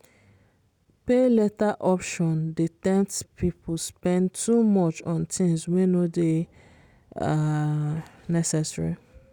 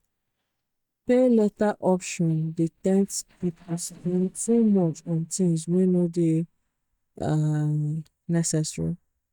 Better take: first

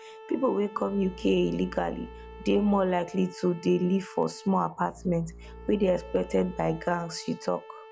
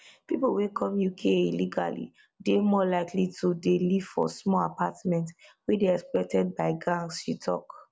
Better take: second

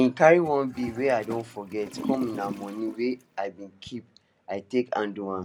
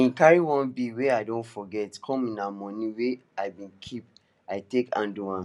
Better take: second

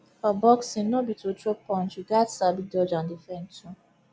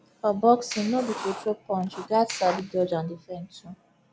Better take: first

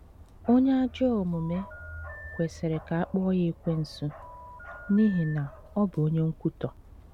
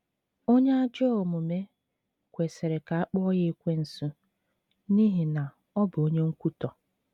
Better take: second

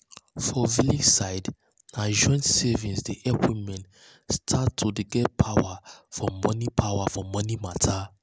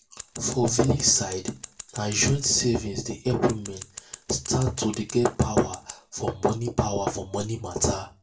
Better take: first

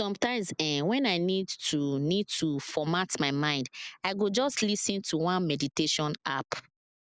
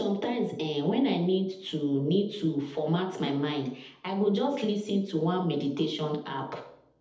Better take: first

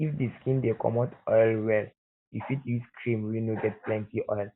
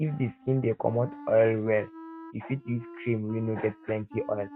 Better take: first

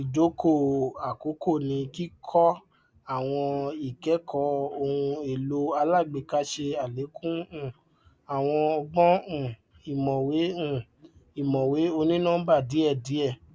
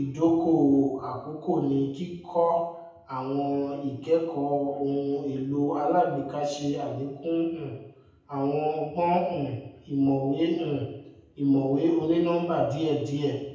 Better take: first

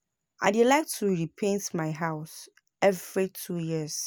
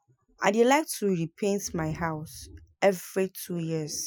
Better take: first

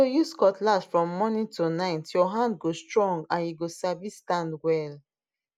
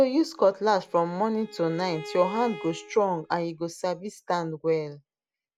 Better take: first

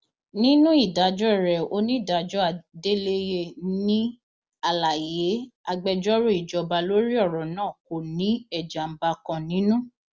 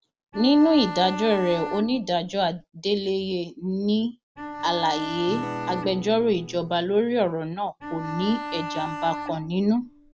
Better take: first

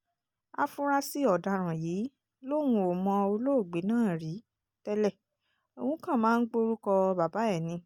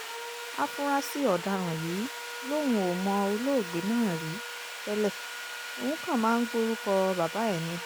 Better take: first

